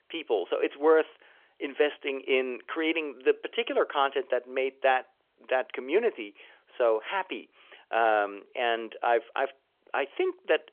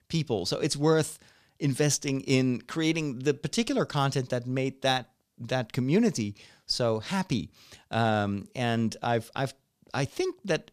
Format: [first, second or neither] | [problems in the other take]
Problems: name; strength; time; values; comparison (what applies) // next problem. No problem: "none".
second | phone-call audio; nothing above 3.5 kHz